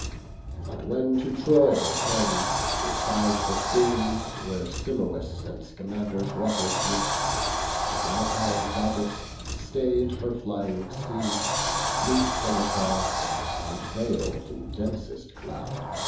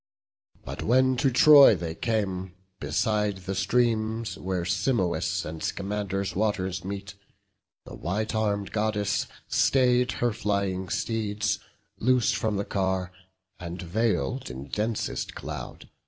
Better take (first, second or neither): second